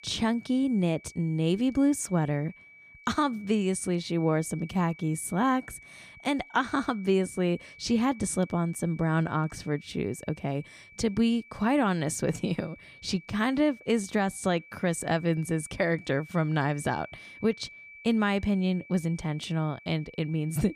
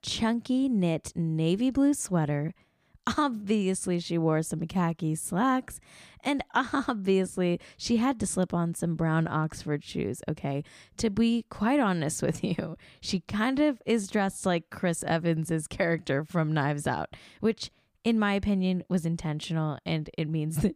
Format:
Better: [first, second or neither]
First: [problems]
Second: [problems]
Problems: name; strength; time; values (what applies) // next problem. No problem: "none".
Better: second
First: high-pitched whine; faint; throughout; 2.5 kHz, 20 dB below the speech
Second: none